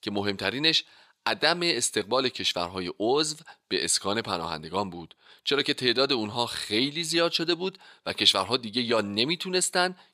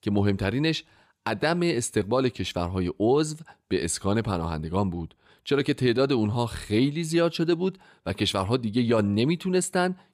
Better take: second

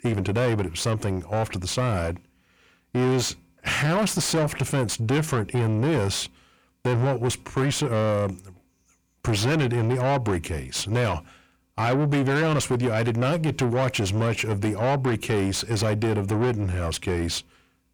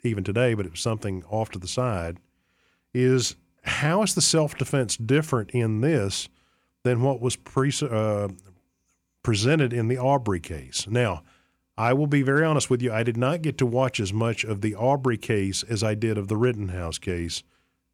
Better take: second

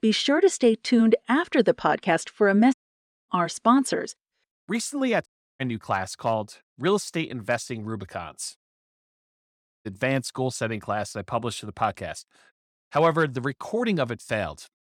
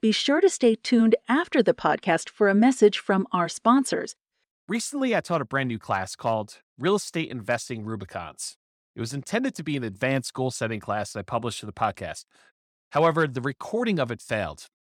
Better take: second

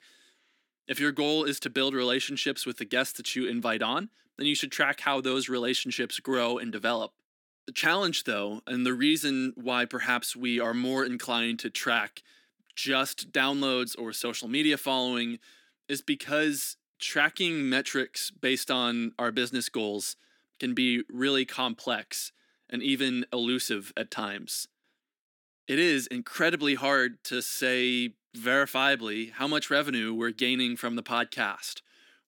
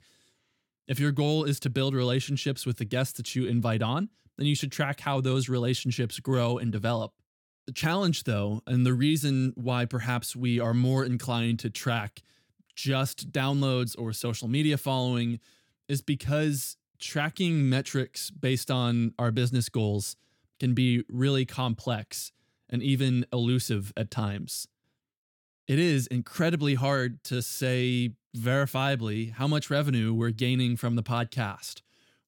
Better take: second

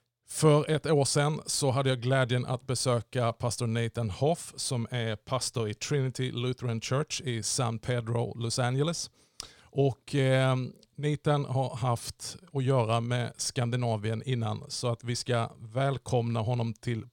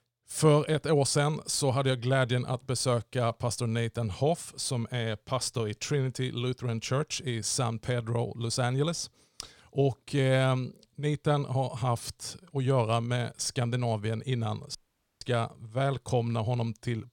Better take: first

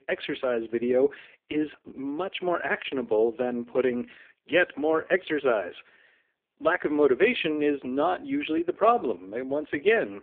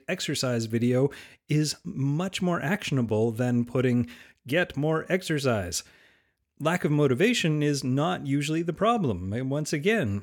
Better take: second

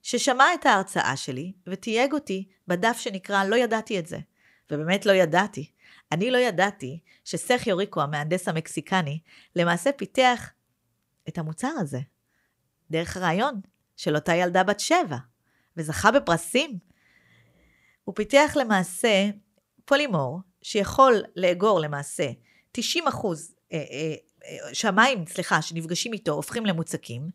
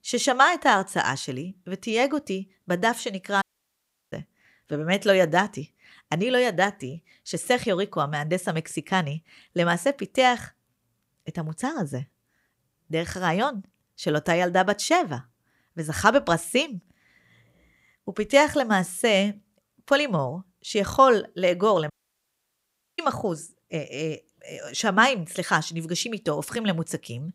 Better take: first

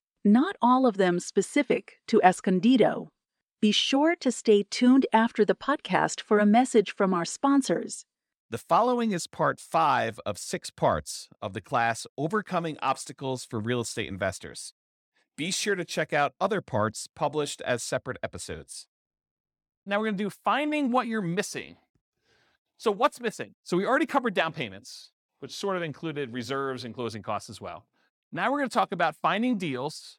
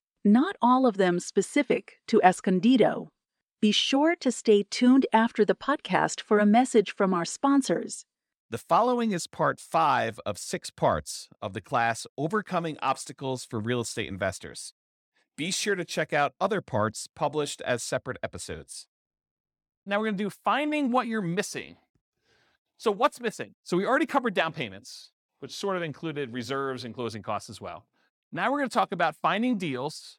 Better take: neither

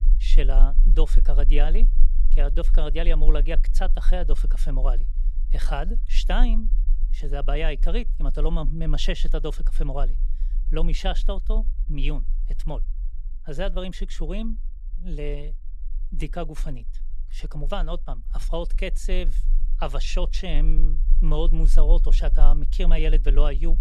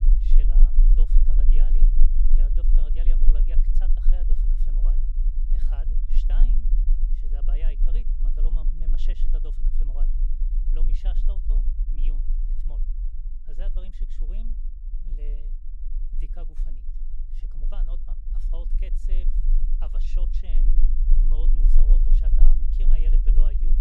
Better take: first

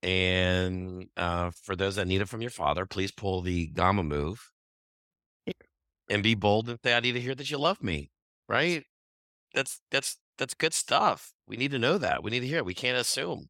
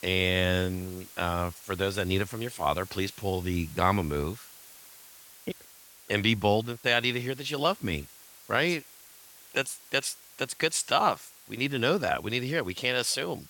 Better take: first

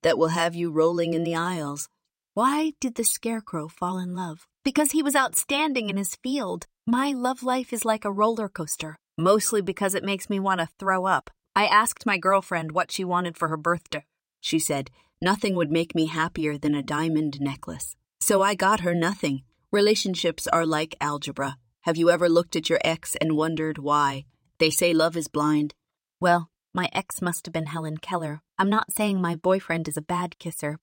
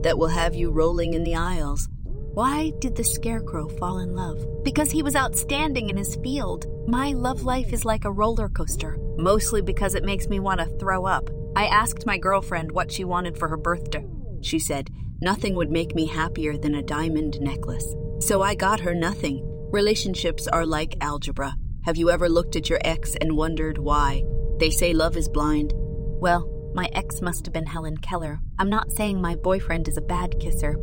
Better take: first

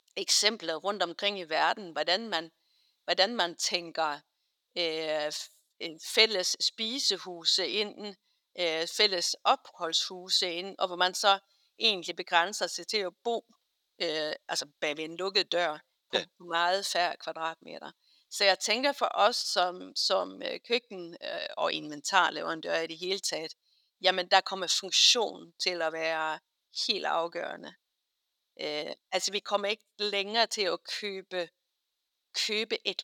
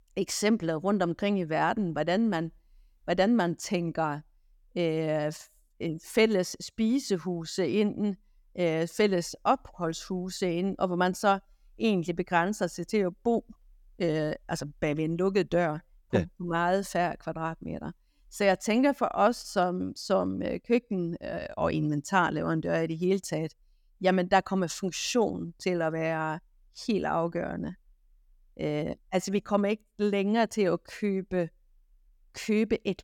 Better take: second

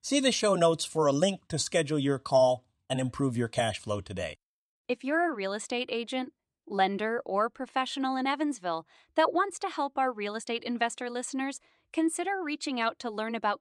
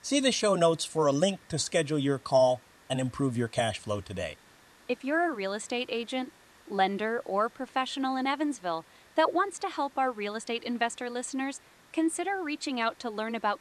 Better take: first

